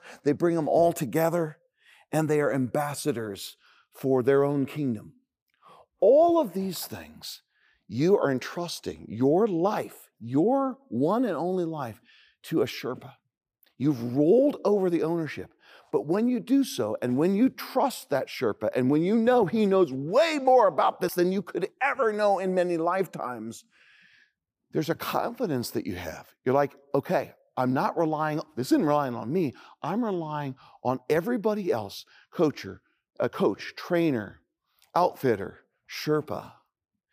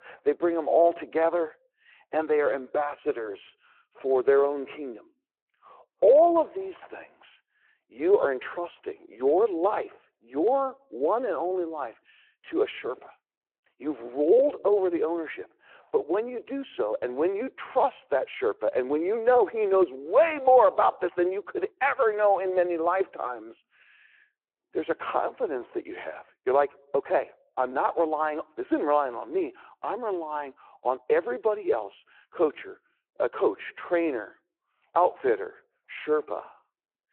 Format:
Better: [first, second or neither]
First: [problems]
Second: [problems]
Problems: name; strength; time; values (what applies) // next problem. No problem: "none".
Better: first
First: none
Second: phone-call audio